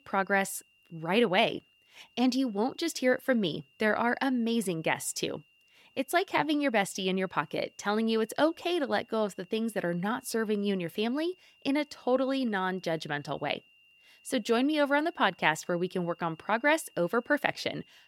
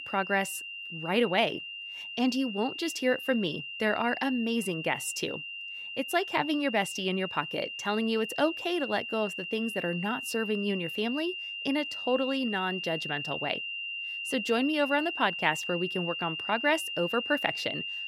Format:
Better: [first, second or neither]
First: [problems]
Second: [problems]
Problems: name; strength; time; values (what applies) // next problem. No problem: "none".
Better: first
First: high-pitched whine; faint; throughout; 3 kHz, 30 dB below the speech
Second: high-pitched whine; loud; throughout; 3 kHz, 5 dB below the speech